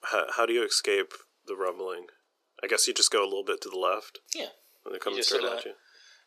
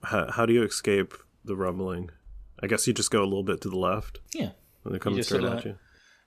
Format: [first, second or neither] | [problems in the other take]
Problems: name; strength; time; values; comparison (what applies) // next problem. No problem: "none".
second | thin; very; fading below 400 Hz